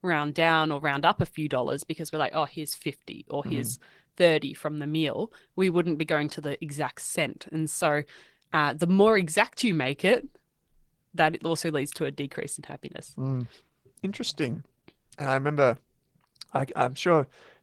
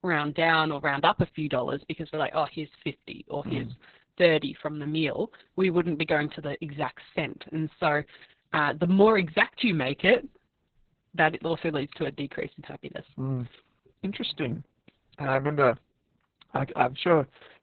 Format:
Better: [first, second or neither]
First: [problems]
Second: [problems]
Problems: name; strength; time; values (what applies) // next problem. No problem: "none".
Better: first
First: garbled, watery; slightly; nothing above 15.5 kHz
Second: garbled, watery; badly; nothing above 4 kHz